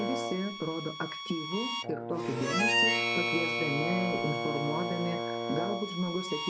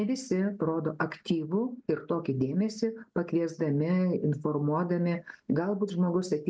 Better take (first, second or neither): second